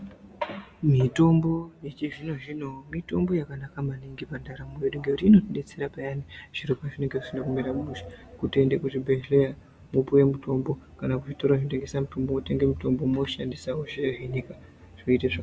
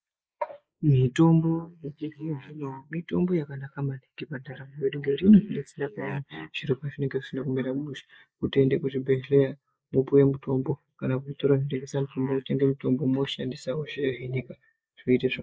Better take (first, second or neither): first